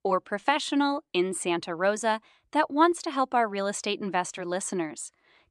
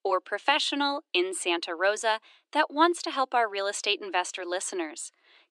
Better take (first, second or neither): first